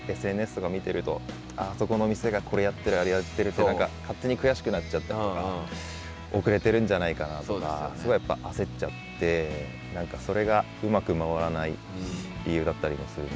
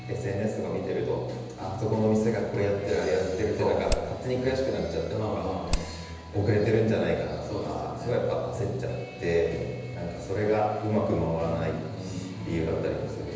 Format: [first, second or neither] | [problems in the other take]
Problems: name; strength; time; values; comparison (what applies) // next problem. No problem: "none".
first | background sound (Hammer); 2 dB below the speech // room echo; dies away in 1.1 s